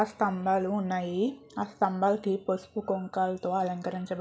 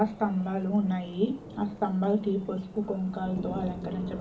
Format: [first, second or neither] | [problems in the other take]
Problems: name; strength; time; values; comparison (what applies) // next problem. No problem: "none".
first | background sound (Thunder / Rain); 13 dB below the speech // room echo; dies away in 0.4 s